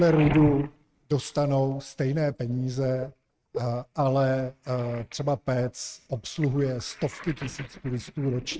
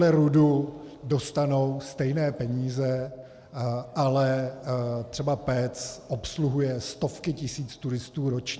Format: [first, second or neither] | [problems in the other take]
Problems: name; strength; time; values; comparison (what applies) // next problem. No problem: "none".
second | noise reduction (neural mask model RNNoise)